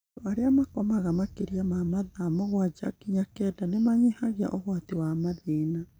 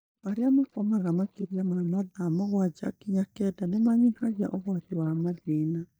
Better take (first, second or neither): first